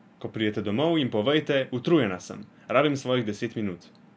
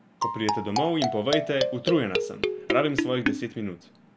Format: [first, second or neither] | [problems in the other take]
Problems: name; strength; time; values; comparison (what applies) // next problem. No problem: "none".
first | background sound (Marimba, xylophone); 1 dB below the speech